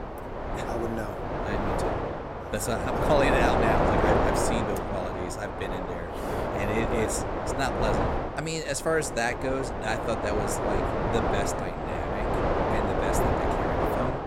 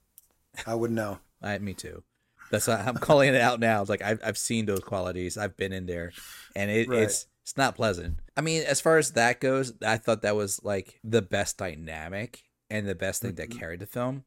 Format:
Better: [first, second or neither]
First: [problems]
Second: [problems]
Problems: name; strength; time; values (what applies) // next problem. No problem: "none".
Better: second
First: wind noise on the microphone; heavy; 3 dB above the speech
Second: none